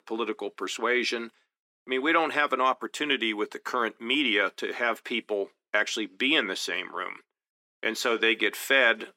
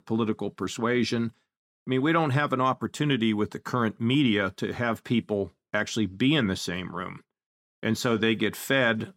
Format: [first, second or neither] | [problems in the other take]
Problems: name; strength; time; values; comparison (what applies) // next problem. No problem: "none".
second | thin; somewhat; fading below 350 Hz